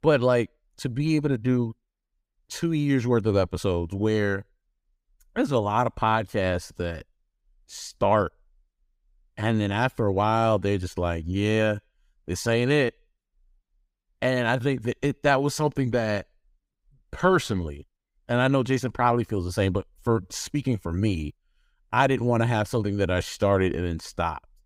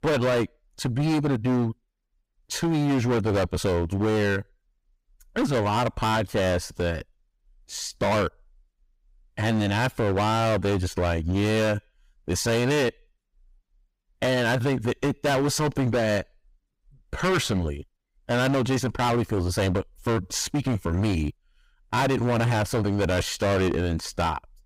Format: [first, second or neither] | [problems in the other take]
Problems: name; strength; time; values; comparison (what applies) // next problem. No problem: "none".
first | distortion; heavy; 19% of the sound clipped